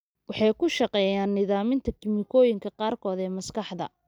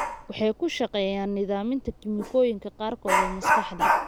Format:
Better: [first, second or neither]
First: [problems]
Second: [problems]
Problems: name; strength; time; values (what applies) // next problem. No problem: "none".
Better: first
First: none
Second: background sound (Dog); 1 dB below the speech